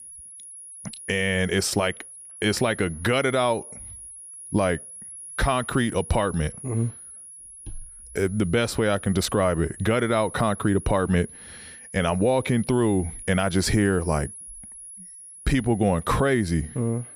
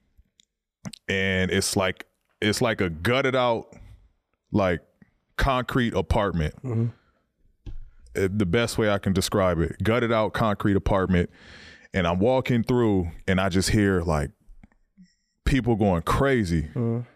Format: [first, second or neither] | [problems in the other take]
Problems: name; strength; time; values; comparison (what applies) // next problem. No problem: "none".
second | high-pitched whine; noticeable; throughout; 10.5 kHz, 15 dB below the speech